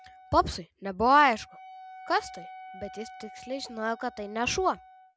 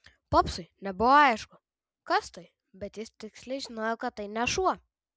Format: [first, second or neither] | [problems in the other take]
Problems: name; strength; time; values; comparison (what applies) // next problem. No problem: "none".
second | background sound (Wind instrument, woodwind instrument); 19 dB below the speech